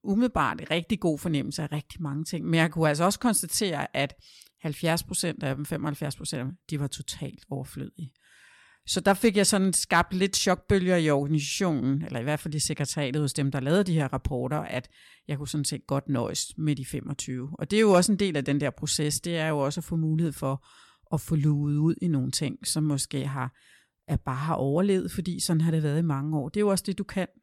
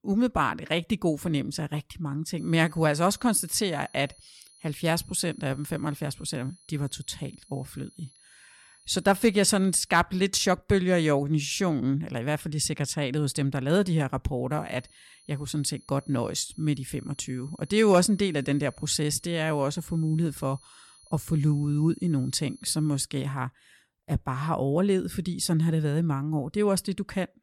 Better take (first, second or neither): first